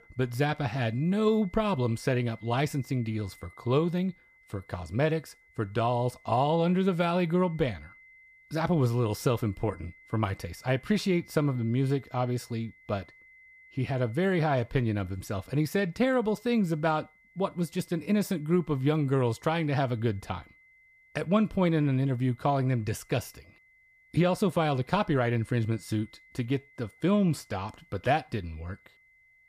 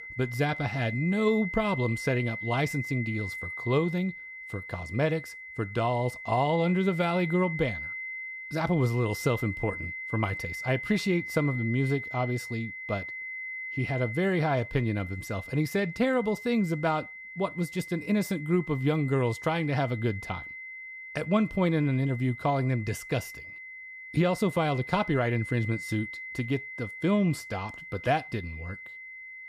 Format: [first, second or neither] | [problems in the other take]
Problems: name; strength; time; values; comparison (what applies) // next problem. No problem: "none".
first | high-pitched whine; loud; throughout; 2 kHz, 9 dB below the speech; faint in the first